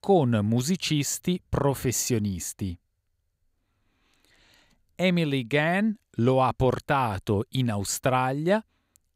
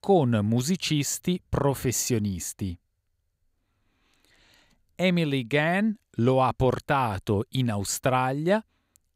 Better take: neither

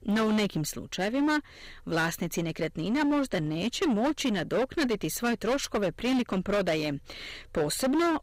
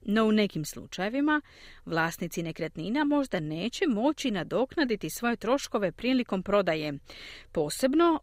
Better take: second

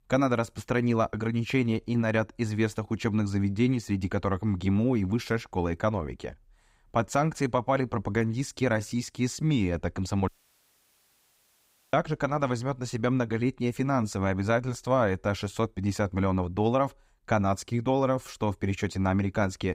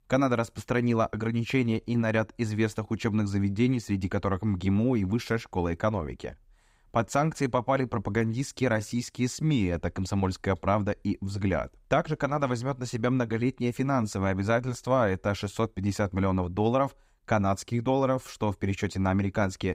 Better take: second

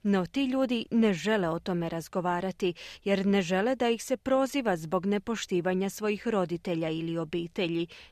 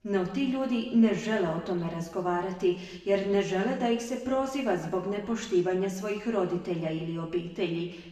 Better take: first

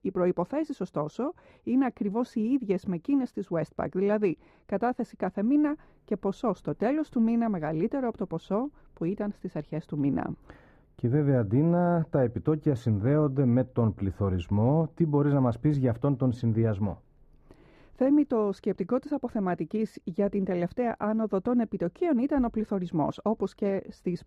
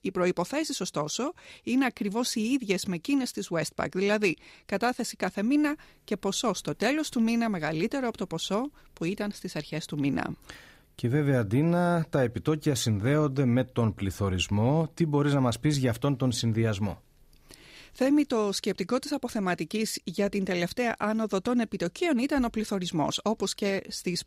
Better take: second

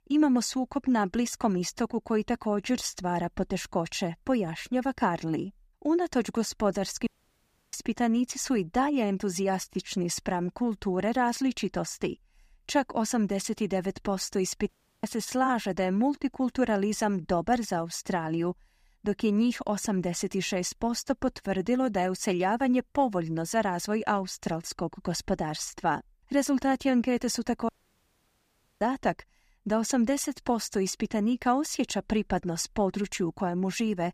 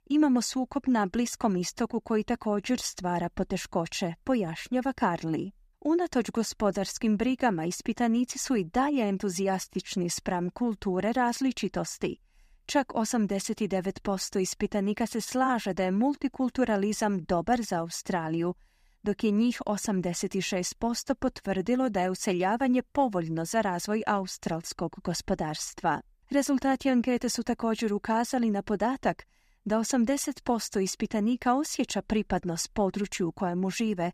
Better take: second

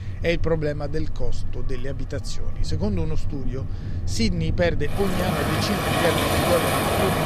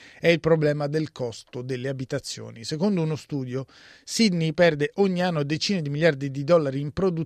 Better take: second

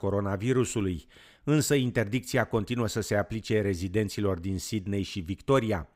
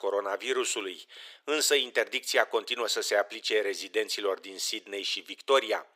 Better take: first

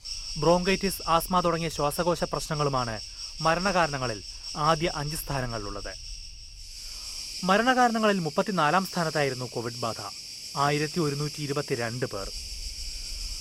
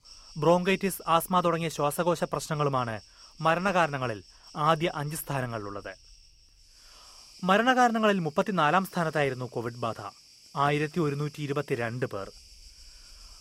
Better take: second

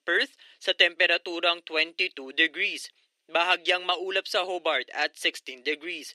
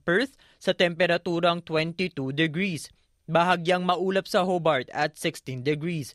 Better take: second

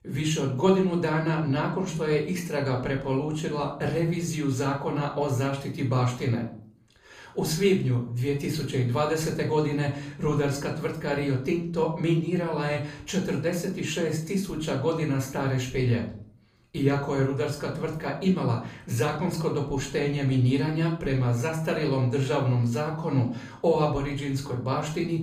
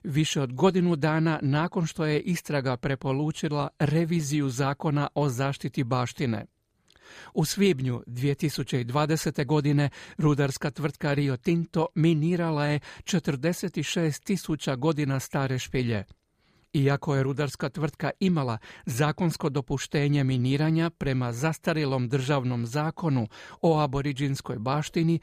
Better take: second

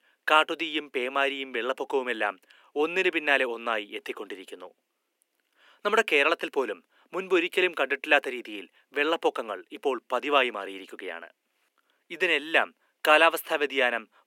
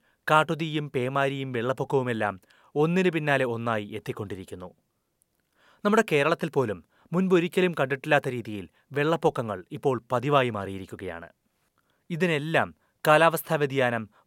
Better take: second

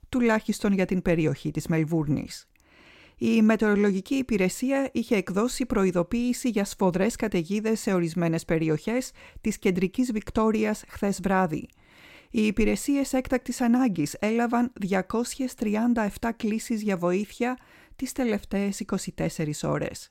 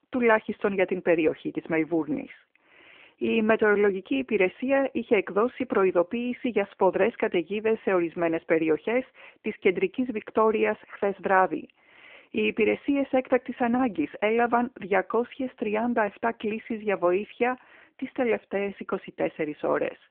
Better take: first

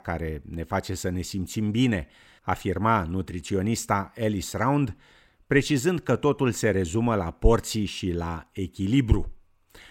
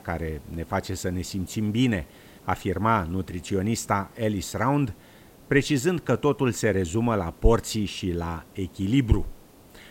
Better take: first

